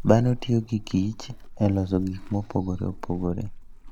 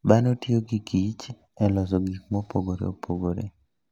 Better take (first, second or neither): second